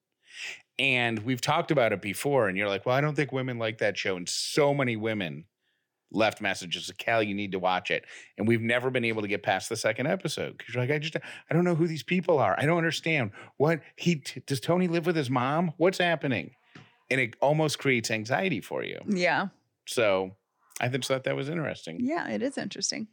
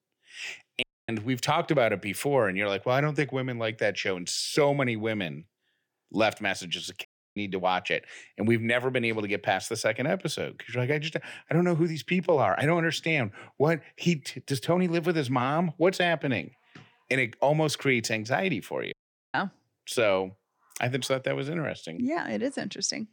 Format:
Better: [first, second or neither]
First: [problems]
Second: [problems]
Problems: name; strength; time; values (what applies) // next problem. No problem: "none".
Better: first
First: none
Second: audio cutting out; at 1 s, at 7 s and at 19 s